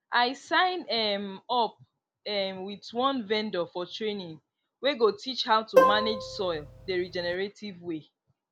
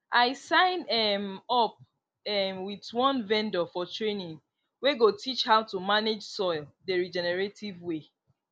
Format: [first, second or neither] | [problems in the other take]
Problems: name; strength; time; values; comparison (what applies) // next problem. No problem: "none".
second | background sound (Plucked string instrument); 3 dB above the speech